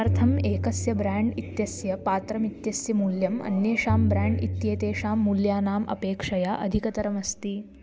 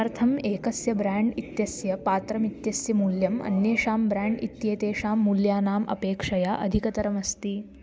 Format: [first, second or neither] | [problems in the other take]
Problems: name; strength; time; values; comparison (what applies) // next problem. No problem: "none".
second | background sound (Tabla); 4 dB below the speech